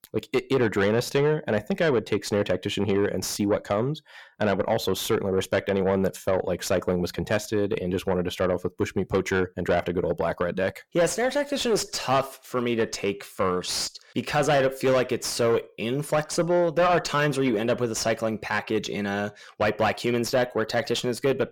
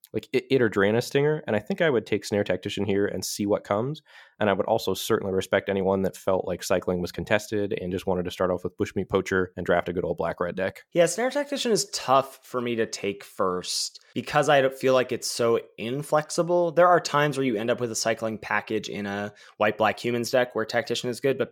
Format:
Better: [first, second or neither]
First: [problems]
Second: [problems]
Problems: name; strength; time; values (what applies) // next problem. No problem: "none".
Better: second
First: distortion; slight; 10 dB below the speech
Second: none